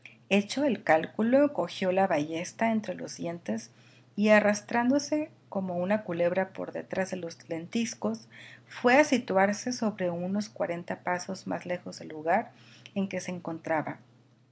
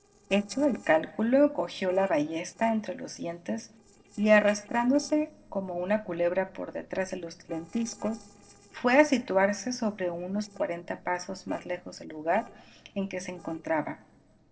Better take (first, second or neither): first